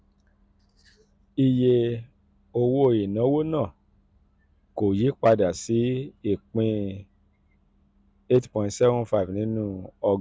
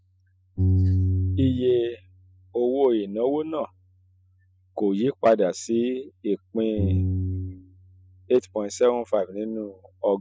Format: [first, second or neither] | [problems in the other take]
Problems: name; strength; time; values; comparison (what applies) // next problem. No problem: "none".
first | noise reduction (classical method spectral subtraction)